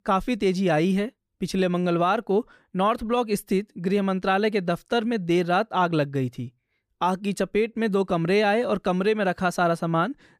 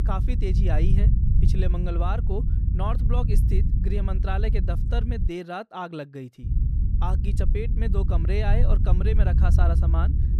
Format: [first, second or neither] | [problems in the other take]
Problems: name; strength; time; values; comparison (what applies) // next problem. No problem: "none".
first | low rumble; loud; until 5.5 s and from 6.5 s on; 6 dB below the speech